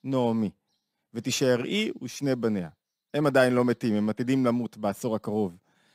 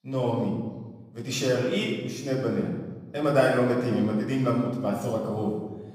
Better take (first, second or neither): first